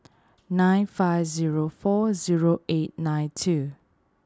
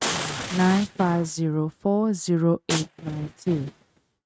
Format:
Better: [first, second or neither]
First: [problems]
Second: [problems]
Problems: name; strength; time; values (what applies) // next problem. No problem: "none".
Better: first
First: none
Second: noise reduction (neural mask model RNNoise)